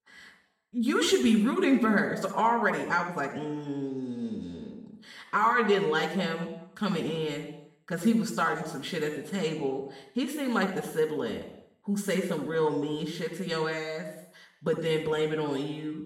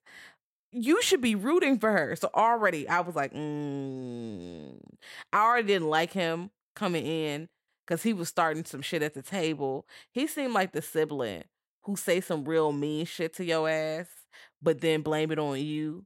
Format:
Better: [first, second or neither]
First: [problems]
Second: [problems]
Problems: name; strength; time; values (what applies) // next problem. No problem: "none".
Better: second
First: room echo; noticeable; dies away in 0.7 s // off-mic speech; far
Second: none